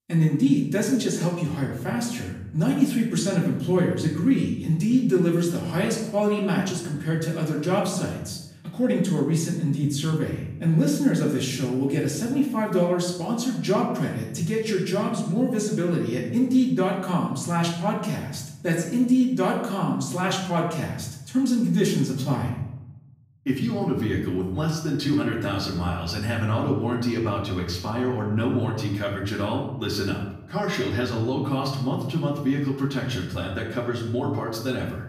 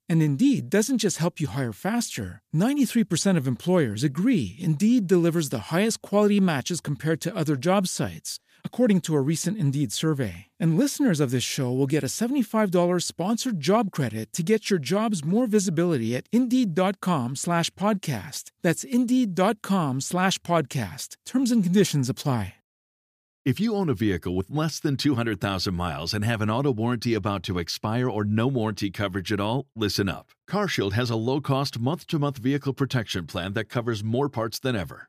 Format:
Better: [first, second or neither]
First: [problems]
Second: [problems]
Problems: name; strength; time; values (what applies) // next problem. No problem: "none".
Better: second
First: off-mic speech; far // room echo; noticeable; dies away in 0.7 s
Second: none